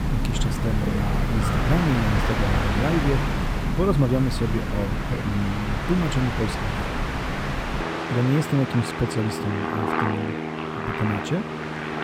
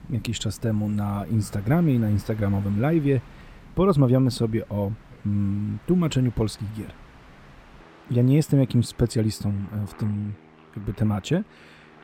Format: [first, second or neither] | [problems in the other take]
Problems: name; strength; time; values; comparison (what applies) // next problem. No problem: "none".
second | train or aircraft noise; loud; throughout; 1 dB below the speech; faint in the second